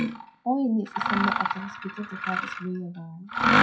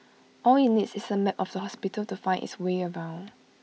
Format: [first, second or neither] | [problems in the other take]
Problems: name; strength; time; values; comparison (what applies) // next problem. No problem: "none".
second | noise reduction (classical method WPE with log-MMSE)